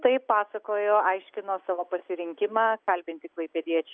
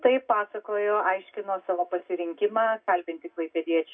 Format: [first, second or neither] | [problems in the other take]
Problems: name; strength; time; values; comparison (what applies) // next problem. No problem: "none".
first | room echo; dies away in 0.2 s